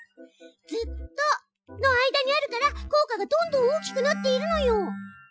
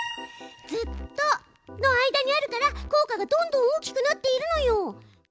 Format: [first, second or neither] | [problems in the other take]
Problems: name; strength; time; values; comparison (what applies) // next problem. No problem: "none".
second | noise reduction (classical method Wiener filter)